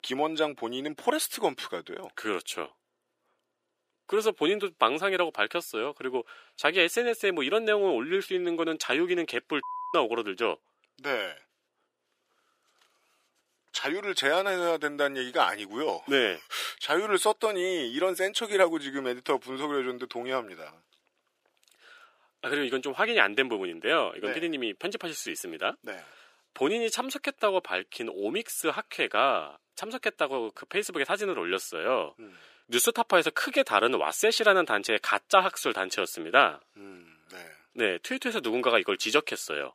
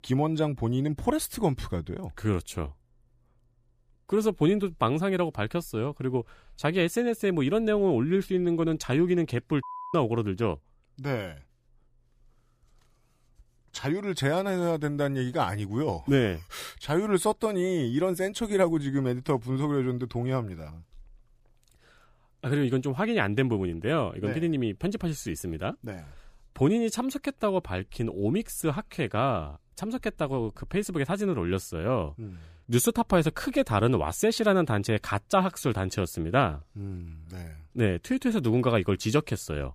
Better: second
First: thin; very; fading below 400 Hz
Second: none

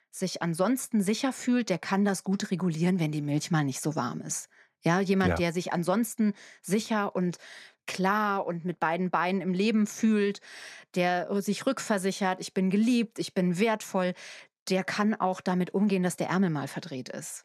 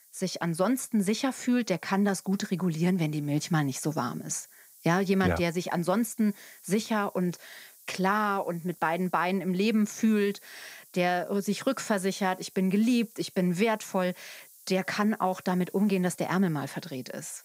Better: first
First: none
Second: hiss; faint; throughout; 25 dB below the speech

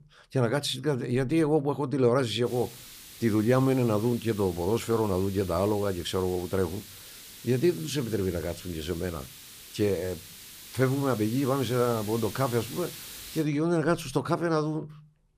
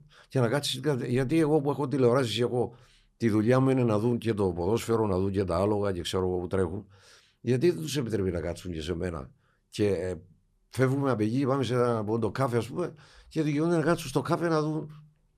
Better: second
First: hiss; noticeable; from 2.5 to 13 s; 15 dB below the speech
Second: none

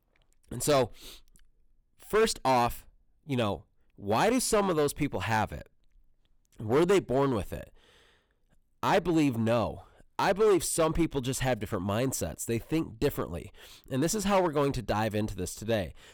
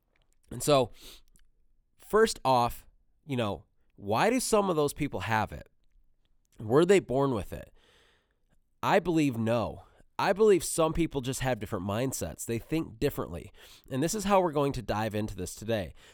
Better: second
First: distortion; slight; 5% of the sound clipped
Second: none

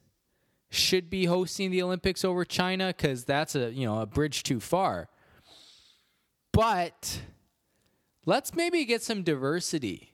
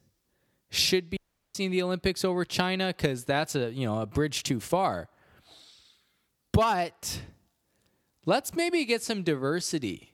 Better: first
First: none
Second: audio cutting out; at 1 s

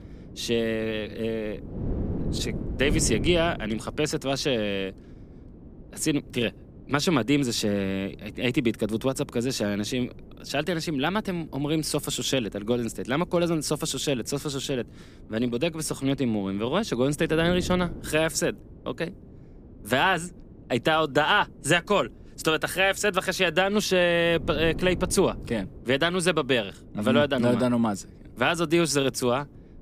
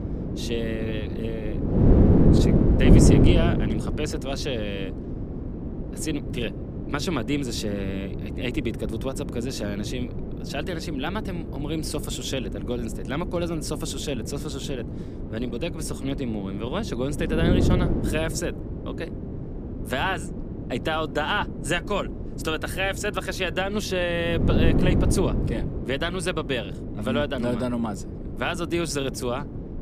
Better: first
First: wind noise on the microphone; occasional gusts; 20 dB below the speech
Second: wind noise on the microphone; heavy; 4 dB below the speech

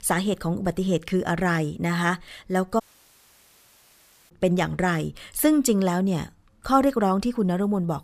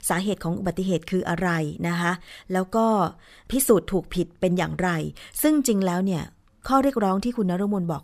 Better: second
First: audio cutting out; at 3 s for 1.5 s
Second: none

